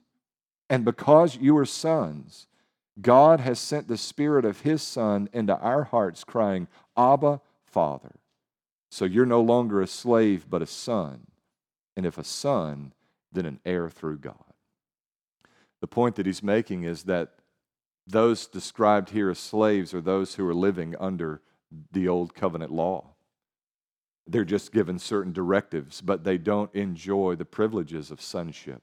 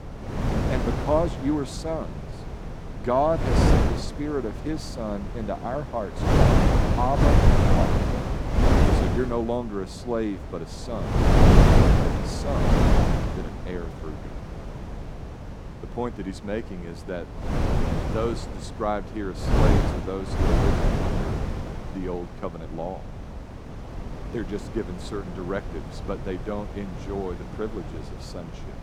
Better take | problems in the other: first | wind noise on the microphone; heavy; 3 dB above the speech

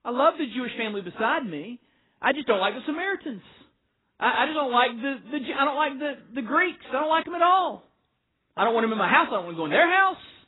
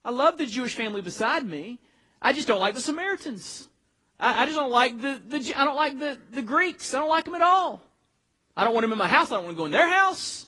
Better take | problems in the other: second | garbled, watery; badly; nothing above 4 kHz; slightly in the second

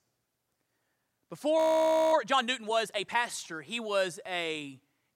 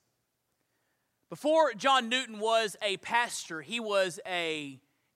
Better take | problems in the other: second | audio freezing; at 1.5 s for 0.5 s

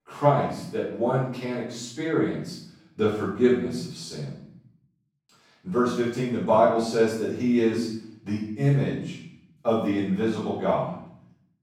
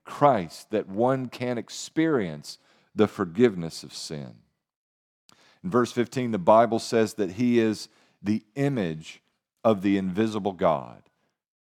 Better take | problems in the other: second | room echo; noticeable; dies away in 0.6 s // off-mic speech; far

